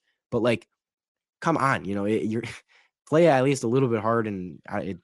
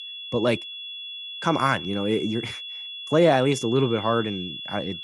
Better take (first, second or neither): first